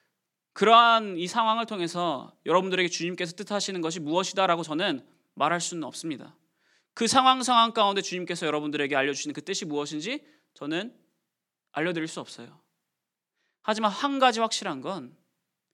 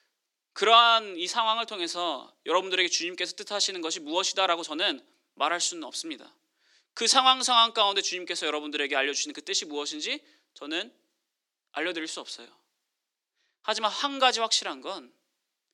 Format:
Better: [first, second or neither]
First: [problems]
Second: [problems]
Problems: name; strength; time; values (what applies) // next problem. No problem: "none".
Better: first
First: none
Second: thin; somewhat; fading below 300 Hz